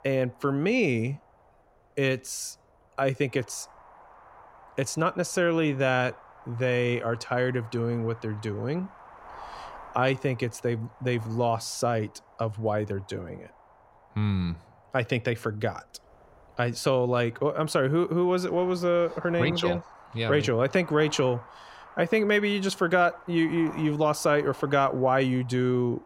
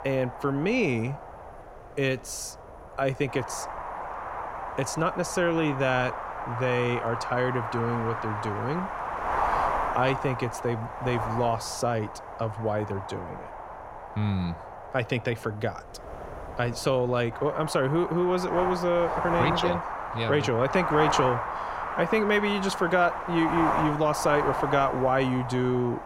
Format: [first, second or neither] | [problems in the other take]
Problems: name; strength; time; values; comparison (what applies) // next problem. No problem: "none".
first | wind noise on the microphone; heavy; 2 dB below the speech; occasional gusts in the first